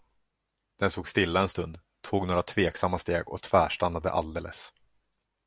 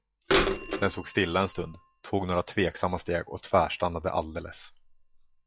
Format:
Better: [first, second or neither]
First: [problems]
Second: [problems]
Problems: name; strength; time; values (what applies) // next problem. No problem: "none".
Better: first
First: none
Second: noise reduction (classical method log-MMSE)